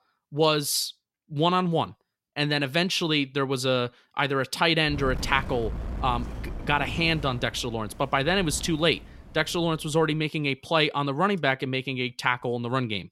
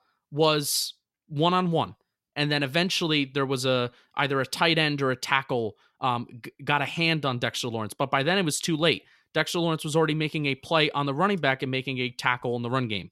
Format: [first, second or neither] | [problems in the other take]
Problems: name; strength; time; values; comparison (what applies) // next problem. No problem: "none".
second | wind noise on the microphone; occasional gusts; from 5 to 10 s; 20 dB below the speech